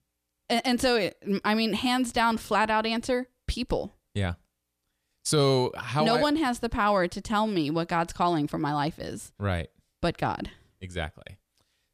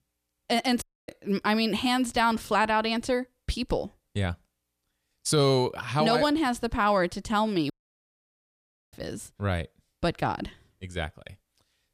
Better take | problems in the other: first | audio cutting out; at 1 s and at 7.5 s for 1 s

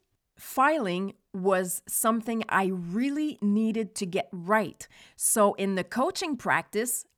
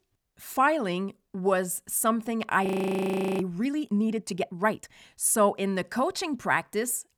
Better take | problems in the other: first | audio freezing; at 2.5 s for 0.5 s

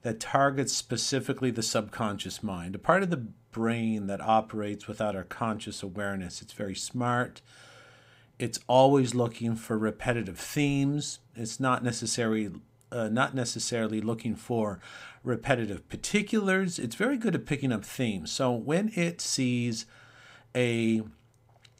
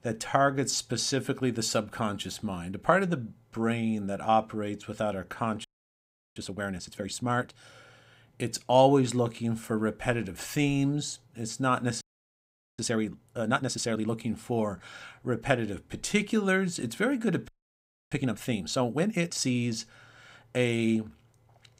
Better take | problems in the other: first | audio freezing; at 5.5 s for 0.5 s, at 12 s for 1 s and at 17 s for 0.5 s

